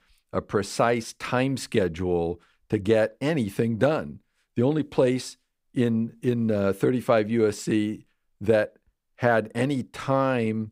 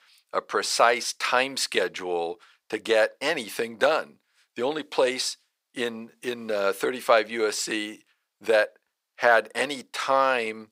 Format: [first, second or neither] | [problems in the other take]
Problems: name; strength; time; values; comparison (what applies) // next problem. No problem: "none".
first | thin; very; fading below 700 Hz